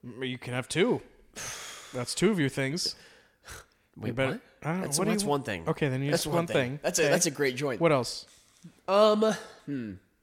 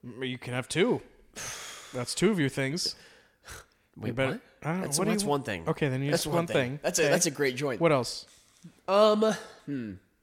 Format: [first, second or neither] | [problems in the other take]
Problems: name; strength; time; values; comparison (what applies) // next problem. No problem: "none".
neither | none